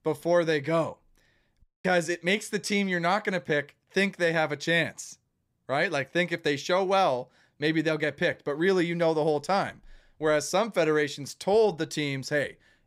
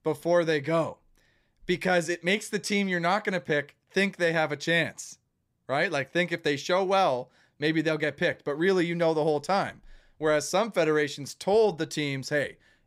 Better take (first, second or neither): second